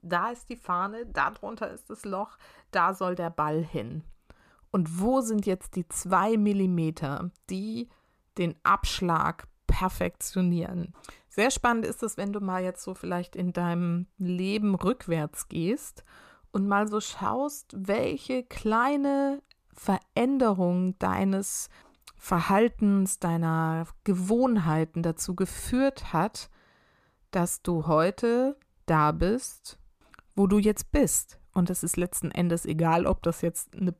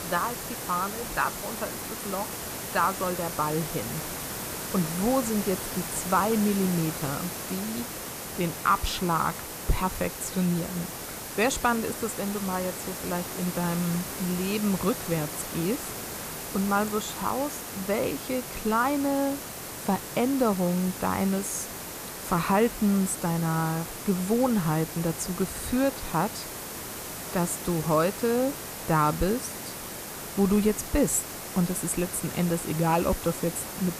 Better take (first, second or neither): first